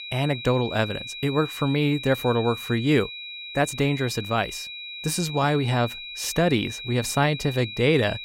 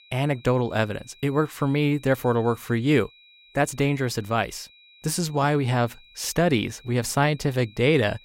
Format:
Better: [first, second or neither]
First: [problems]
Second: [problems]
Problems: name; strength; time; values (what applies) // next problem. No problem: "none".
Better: second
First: high-pitched whine; loud; throughout; 4 kHz, 10 dB below the speech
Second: high-pitched whine; faint; throughout; 4 kHz, 25 dB below the speech